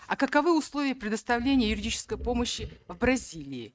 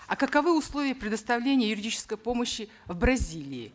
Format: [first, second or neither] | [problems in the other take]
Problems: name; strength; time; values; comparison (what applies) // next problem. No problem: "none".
second | noise reduction (neural mask model RNNoise)